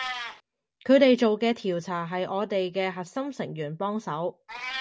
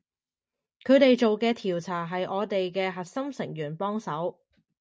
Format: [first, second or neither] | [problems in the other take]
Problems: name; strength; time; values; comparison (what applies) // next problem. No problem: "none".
second | background sound (Meow); 15 dB below the speech